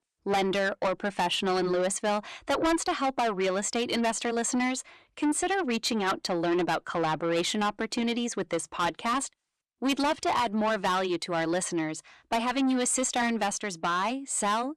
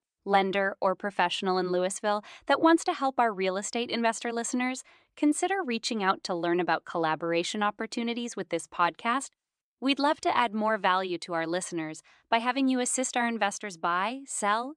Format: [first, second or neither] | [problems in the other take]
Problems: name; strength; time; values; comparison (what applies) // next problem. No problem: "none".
second | distortion; heavy; 7 dB below the speech